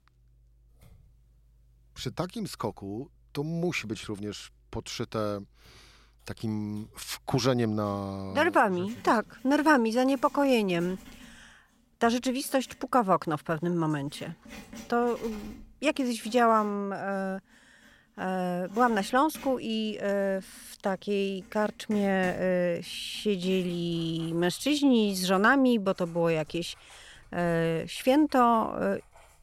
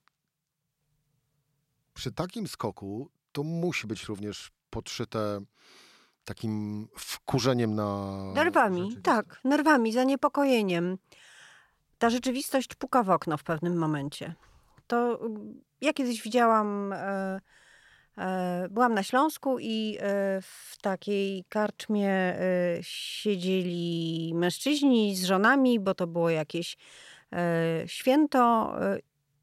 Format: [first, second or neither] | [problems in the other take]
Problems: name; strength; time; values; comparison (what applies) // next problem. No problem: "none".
second | household noises; faint; throughout; 25 dB below the speech